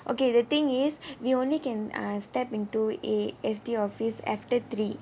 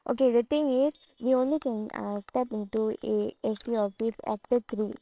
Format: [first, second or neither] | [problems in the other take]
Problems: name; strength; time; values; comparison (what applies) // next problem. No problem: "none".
first | noise reduction (neural separator model SepFormer WHAMR!)